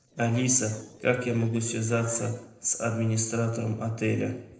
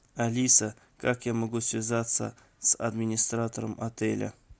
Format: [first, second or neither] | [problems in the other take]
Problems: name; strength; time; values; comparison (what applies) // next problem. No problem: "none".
second | noise reduction (neural separator model SepFormer DNS4)